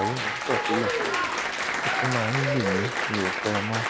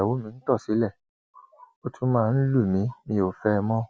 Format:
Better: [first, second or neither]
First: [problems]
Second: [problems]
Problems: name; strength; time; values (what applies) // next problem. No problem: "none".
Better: second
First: background sound (Applause); 3 dB above the speech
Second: none